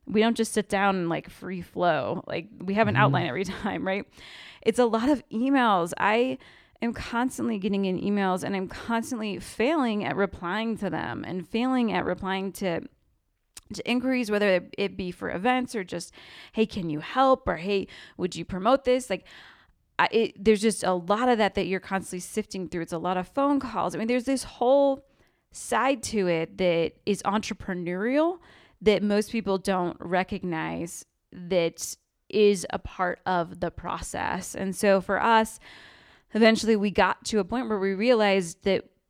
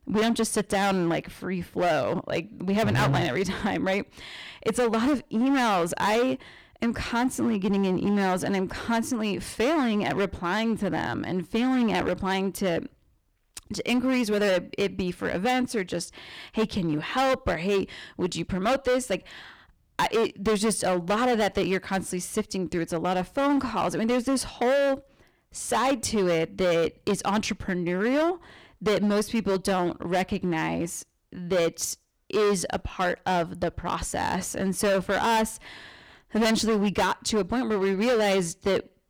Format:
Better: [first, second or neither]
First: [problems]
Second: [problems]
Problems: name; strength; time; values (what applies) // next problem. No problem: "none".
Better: first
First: none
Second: distortion; heavy; 14% of the sound clipped